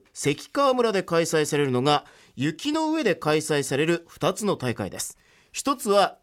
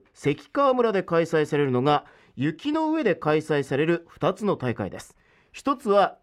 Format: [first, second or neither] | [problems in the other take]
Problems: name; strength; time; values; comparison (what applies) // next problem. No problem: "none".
first | muffled; slightly; fading above 3.5 kHz